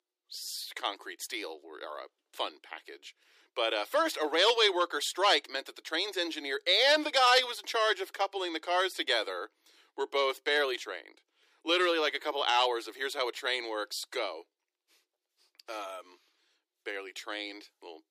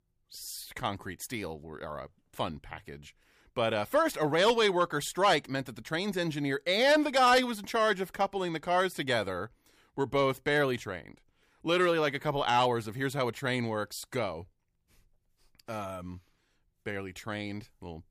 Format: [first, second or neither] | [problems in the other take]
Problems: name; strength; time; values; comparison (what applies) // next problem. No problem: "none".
second | thin; very; fading below 300 Hz